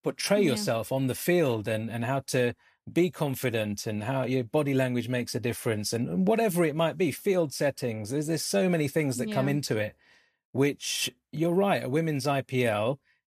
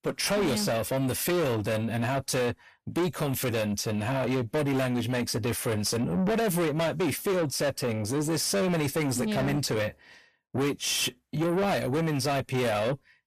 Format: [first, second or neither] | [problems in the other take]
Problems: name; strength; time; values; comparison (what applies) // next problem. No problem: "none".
first | distortion; heavy; 7 dB below the speech